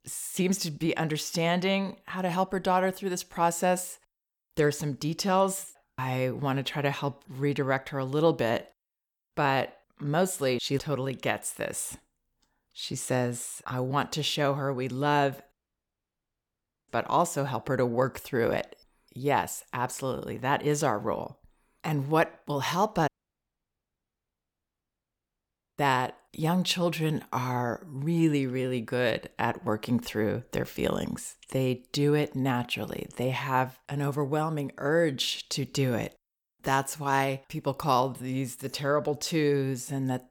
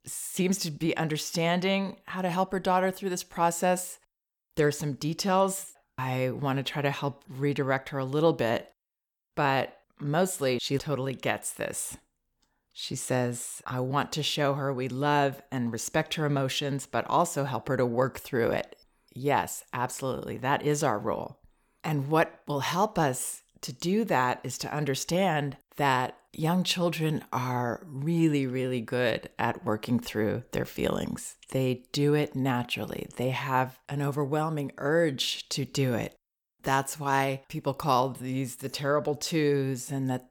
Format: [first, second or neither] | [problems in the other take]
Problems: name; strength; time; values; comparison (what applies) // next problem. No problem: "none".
second | audio cutting out; at 16 s for 1.5 s and at 23 s for 2.5 s